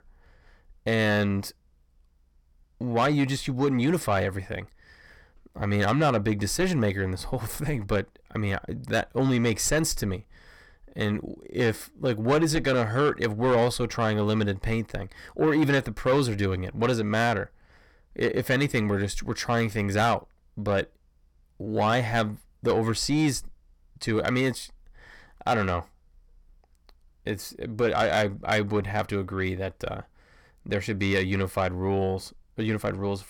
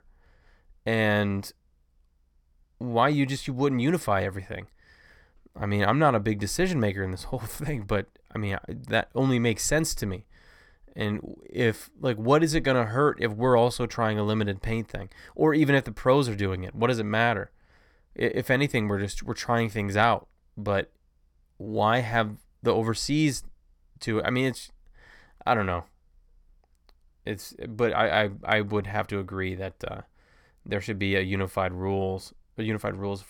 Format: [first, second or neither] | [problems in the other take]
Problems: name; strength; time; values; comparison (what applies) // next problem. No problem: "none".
second | distortion; slight; 10 dB below the speech